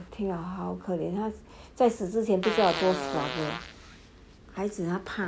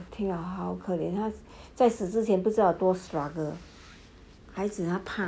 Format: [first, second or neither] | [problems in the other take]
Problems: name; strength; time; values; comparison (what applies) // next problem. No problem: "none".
second | background sound (Fart); 5 dB below the speech